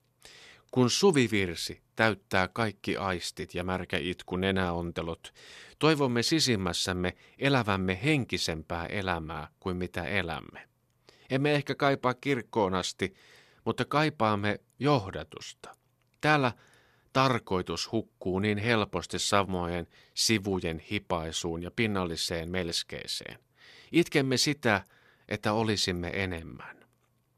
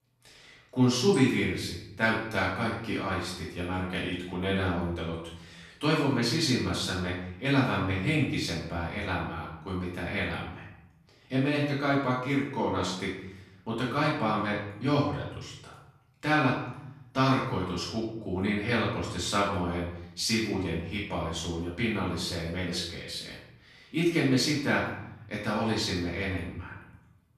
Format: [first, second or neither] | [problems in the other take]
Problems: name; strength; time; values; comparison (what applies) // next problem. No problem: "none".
first | off-mic speech; far // room echo; noticeable; dies away in 0.8 s